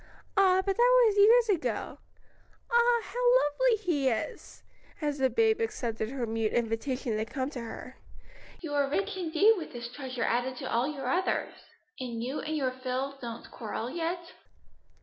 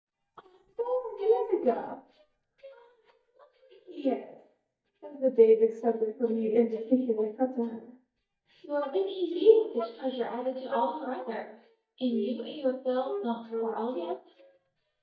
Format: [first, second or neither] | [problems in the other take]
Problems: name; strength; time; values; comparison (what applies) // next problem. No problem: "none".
first | noise reduction (neural mask model DeepFilterNet 3)